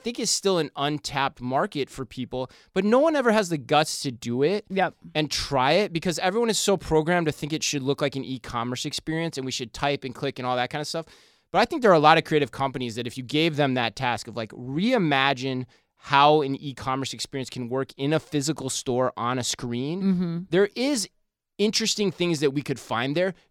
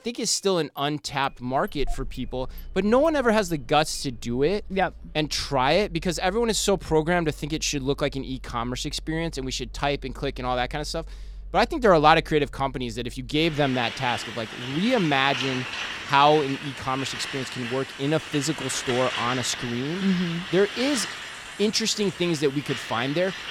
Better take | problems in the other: first | traffic noise; noticeable; throughout; 10 dB below the speech

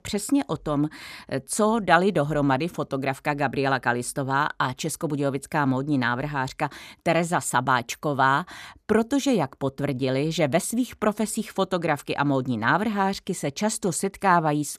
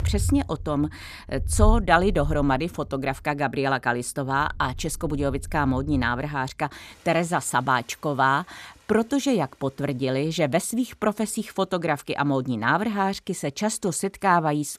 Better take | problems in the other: first | rain or running water; loud; throughout; 7 dB below the speech

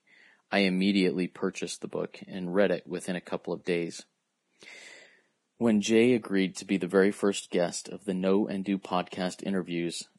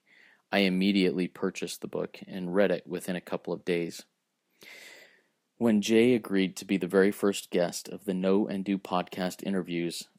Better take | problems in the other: second | garbled, watery; badly; nothing above 10.5 kHz; slightly in the second

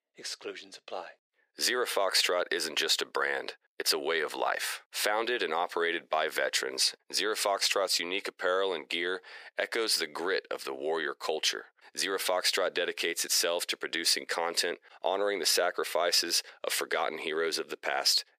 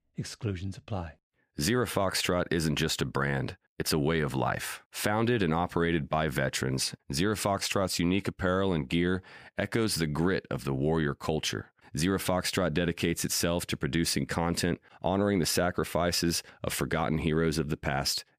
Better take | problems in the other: second | thin; very; fading below 450 Hz

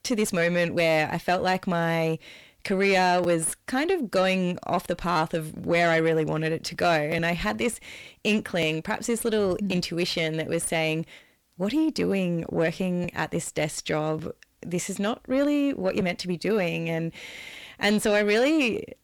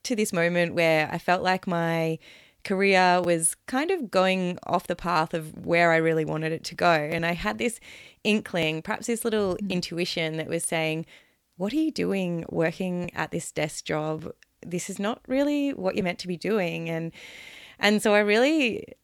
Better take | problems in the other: second | distortion; slight; 10 dB below the speech

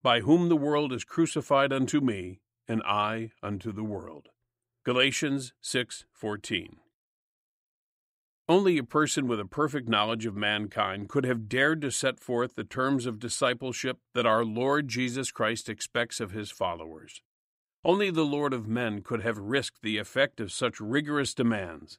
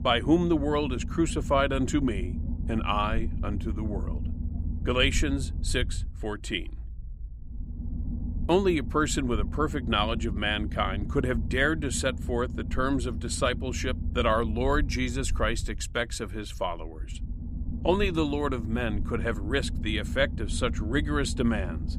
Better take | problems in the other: first | low rumble; noticeable; throughout; 15 dB below the speech

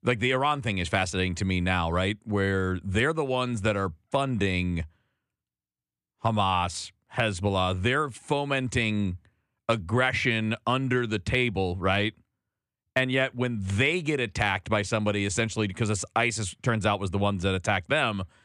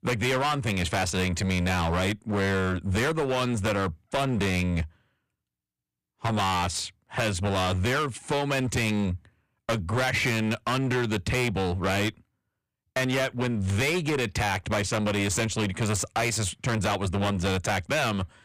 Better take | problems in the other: first | distortion; heavy; 22% of the sound clipped

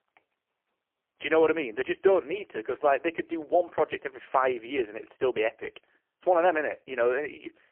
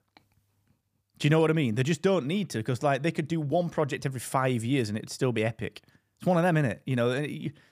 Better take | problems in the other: second | phone-call audio; poor line; nothing above 3 kHz

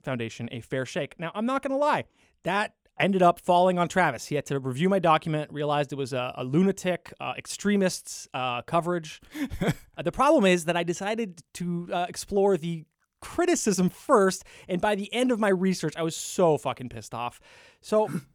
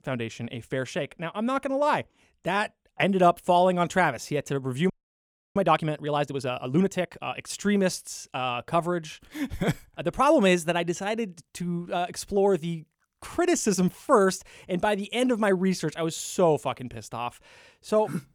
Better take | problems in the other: first | audio freezing; at 5 s for 0.5 s

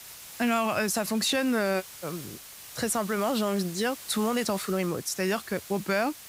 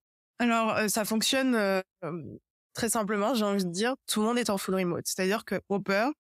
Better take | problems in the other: second | hiss; noticeable; throughout; 15 dB below the speech

